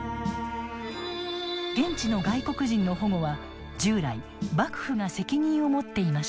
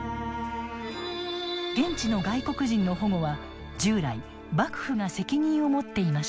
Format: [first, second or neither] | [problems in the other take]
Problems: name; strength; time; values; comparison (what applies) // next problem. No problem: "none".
second | background sound (Snare drum); 15 dB below the speech